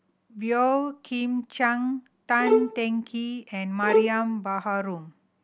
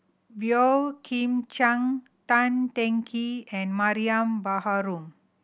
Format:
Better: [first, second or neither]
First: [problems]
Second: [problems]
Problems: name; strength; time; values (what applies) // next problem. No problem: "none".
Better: second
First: background sound (Bowed string instrument); as loud as the speech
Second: none